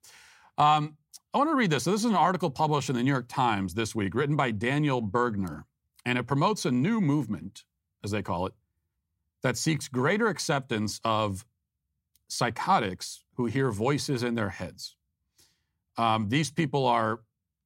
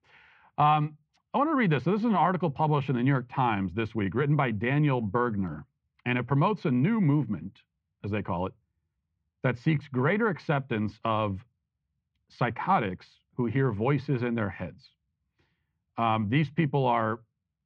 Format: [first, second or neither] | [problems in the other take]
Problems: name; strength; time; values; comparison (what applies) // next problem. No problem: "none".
first | muffled; very; fading above 2.5 kHz